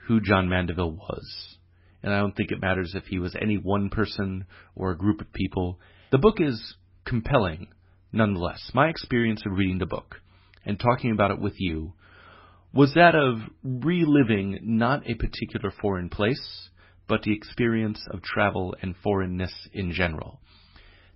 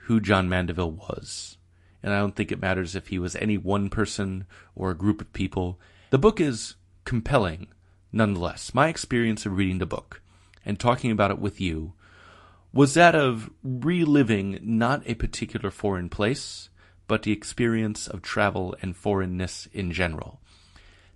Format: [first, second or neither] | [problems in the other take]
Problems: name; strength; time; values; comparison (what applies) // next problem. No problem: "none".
second | garbled, watery; badly; nothing above 5.5 kHz; slightly in the second